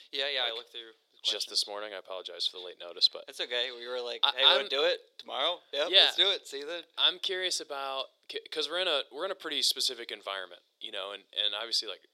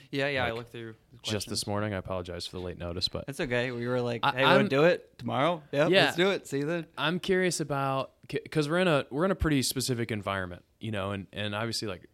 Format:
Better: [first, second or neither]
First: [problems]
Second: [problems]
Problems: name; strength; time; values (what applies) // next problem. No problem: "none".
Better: second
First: thin; very; fading below 450 Hz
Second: none